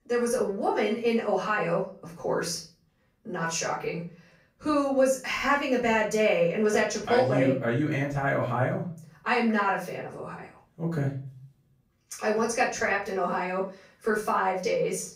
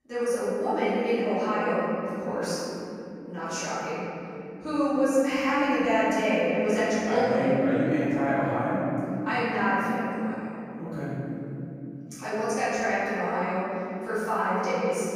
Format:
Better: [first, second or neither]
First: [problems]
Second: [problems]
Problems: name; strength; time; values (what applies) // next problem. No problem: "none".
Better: first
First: room echo; slight; dies away in 0.4 s // off-mic speech; far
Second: room echo; strong; dies away in 3 s // off-mic speech; far